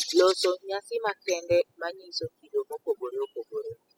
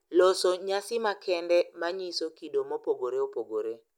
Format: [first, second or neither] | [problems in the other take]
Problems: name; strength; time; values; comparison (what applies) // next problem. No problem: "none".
second | noise reduction (classical method spectral subtraction)